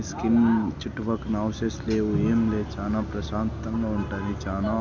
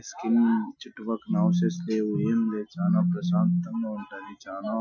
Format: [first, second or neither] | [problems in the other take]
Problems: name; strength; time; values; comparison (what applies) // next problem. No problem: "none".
first | noise reduction (classical method Wiener filter)